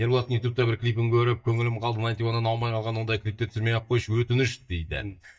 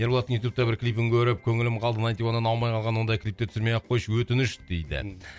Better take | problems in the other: second | noise reduction (neural mask model DeepFilterNet 3)

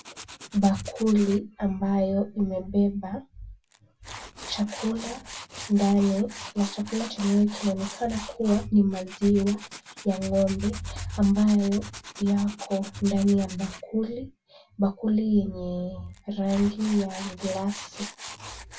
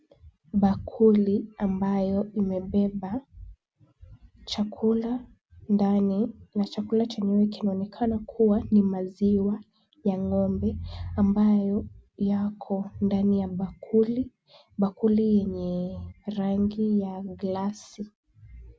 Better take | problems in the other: second | background sound (Tools); 17 dB below the speech // room echo; dies away in 0.1 s

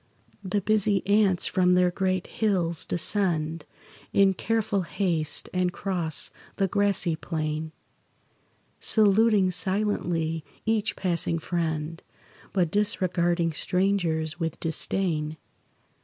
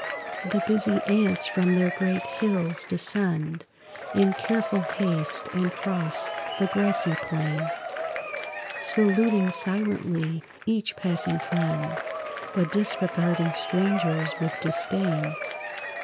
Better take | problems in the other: first | background sound (Applause / Crowd / Cheering); 7 dB below the speech

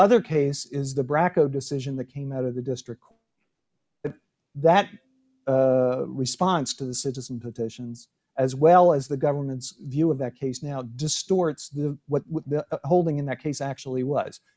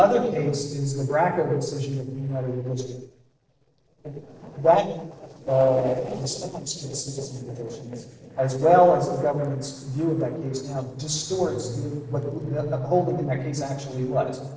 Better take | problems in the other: first | noise reduction (neural separator model SepFormer DNS4)

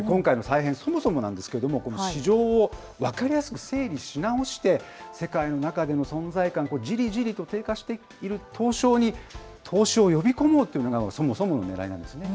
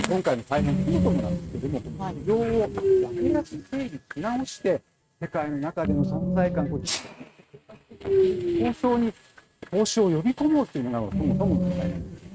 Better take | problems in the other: first | noise reduction (neural mask model RNNoise)

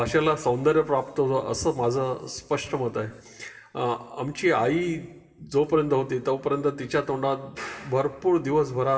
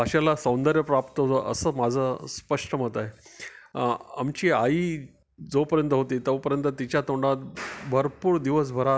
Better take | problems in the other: second | room echo; dies away in 0.9 s

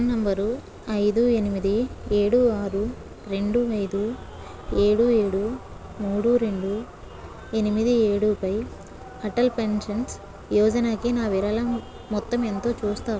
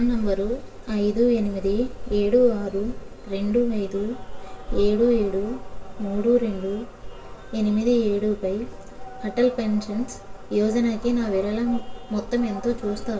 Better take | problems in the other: first | room echo; dies away in 0.3 s

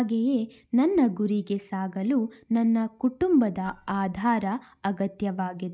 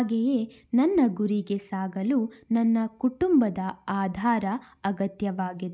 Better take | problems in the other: second | noise reduction (neural mask model DeepFilterNet 3)

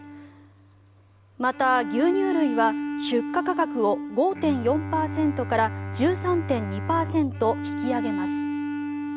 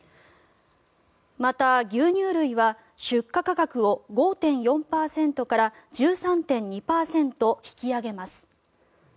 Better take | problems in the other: second | background sound (Bowed string instrument + Bowed string instrument); 5 dB below the speech

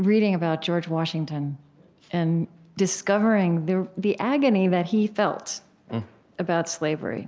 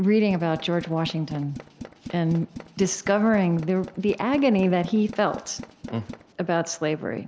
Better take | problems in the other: first | background sound (Tools); 17 dB below the speech

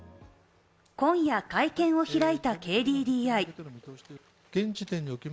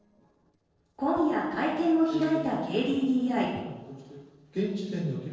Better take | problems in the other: first | noise reduction (neural separator model SepFormer DNS4)

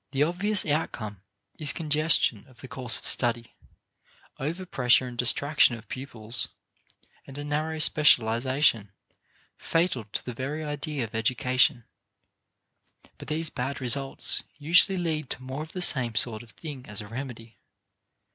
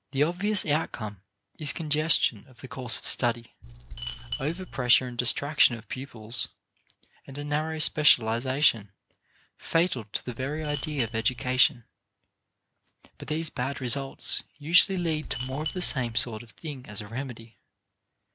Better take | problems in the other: first | background sound (Coin (dropping)); 8 dB below the speech

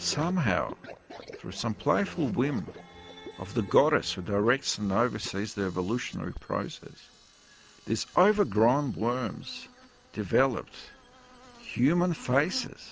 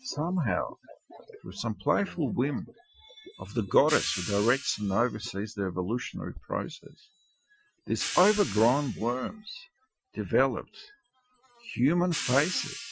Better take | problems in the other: first | noise reduction (classical method Wiener filter)

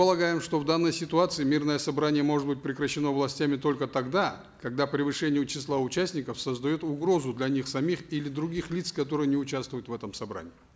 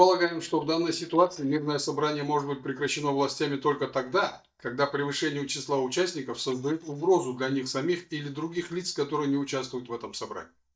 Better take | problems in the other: first | noise reduction (neural mask model DeepFilterNet 3)

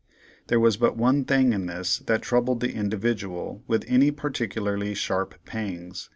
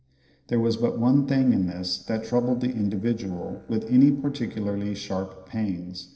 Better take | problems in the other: first | noise reduction (neural separator model SepFormer DNS4)

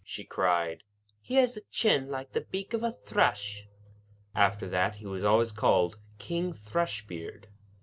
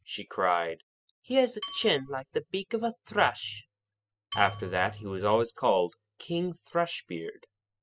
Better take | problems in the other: first | noise reduction (classical method spectral subtraction)

